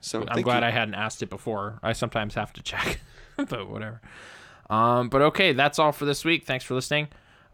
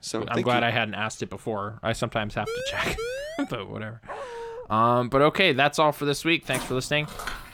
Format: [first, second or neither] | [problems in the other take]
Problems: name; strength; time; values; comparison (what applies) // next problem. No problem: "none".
first | siren; noticeable; from 2.5 to 3.5 s; peak 7 dB below the speech // dog barking; faint; at 4 s; peak 10 dB below the speech // footsteps; noticeable; from 6.5 s on; peak 10 dB below the speech